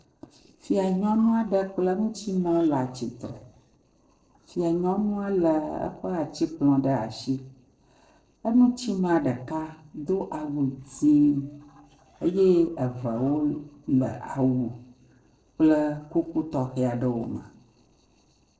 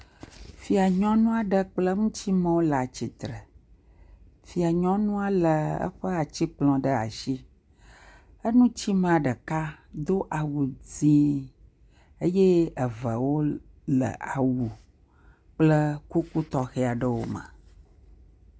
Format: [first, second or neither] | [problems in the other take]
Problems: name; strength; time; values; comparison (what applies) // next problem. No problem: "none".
second | noise reduction (neural separator model SepFormer DNS4)